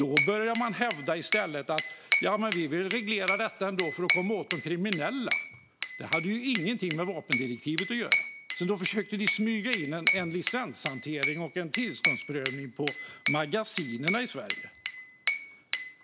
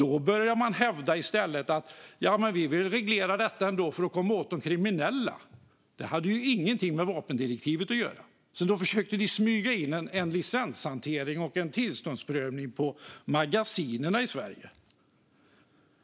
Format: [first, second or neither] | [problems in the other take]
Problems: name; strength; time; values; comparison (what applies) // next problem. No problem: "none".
second | background sound (Glass / Bell); 2 dB below the speech